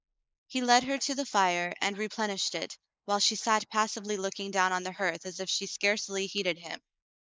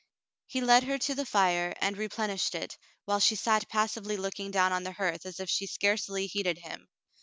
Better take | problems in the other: second | noise reduction (neural mask model Resemble Enhance denoiser)

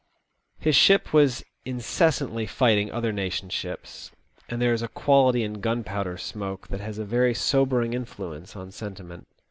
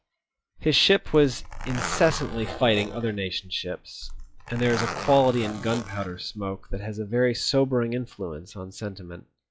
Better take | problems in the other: first | noise reduction (classical method log-MMSE)

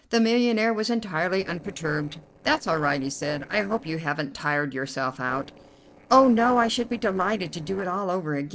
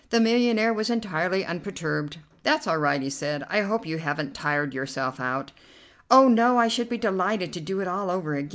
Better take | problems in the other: second | noise reduction (neural separator model SepFormer DNS4)

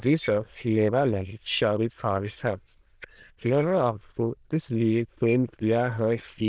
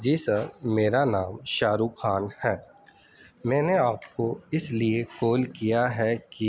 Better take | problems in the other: second | noise reduction (neural diffusion model UNIVERSE++)

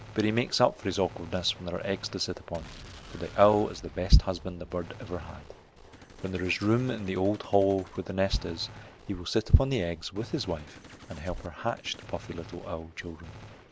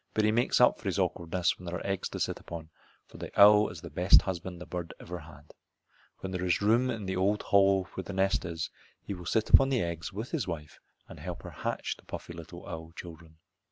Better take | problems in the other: second | background sound (Gunshot, gunfire); 18 dB below the speech

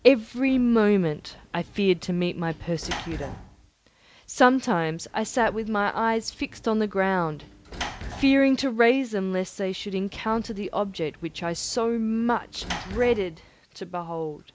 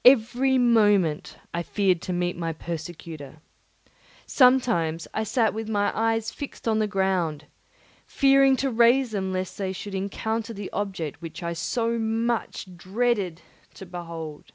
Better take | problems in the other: second | background sound (Sliding door / Slam); 17 dB below the speech

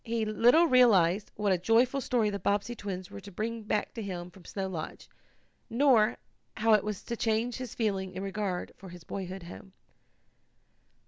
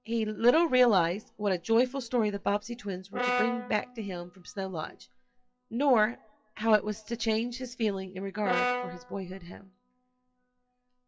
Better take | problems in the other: first | noise reduction (classical method WPE with log-MMSE)

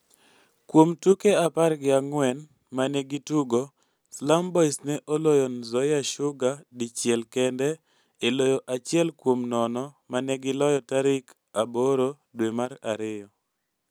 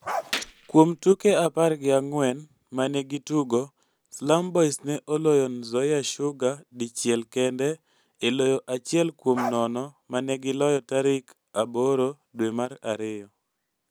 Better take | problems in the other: first | background sound (Gunshot, gunfire + Bark); 11 dB below the speech

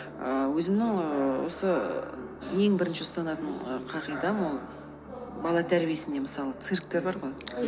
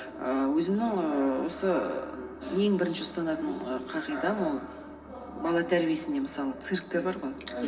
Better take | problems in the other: first | room echo; dies away in 3 s

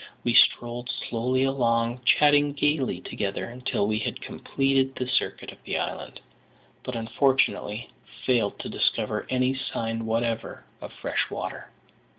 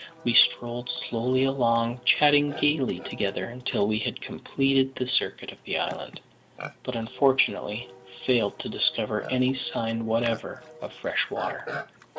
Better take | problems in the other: first | background sound (Livestock, farm animals, working animals); 16 dB below the speech

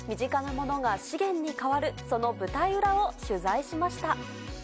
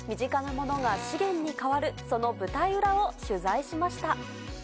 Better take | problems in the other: first | background sound (Drill); 12 dB below the speech

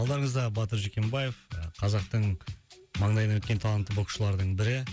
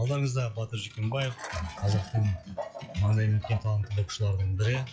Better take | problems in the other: first | noise reduction (classical method log-MMSE)

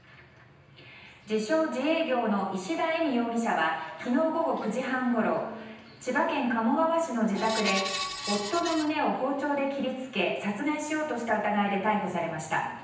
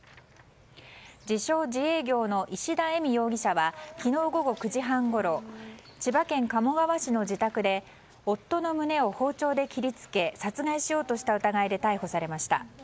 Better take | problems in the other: second | background sound (Screech); 6 dB below the speech // room echo; dies away in 0.9 s

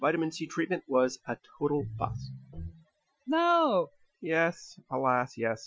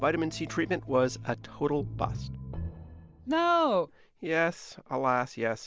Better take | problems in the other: second | noise reduction (classical method Wiener filter)

